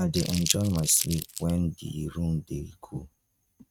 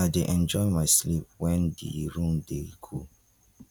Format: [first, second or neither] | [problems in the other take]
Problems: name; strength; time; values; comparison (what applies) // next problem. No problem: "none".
second | noise reduction (neural mask model RNNoise)